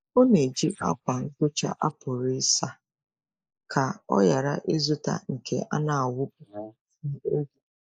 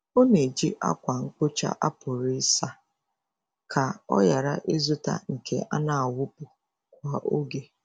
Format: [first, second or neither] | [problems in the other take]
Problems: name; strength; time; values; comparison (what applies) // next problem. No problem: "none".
second | noise reduction (neural mask model Resemble Enhance denoiser)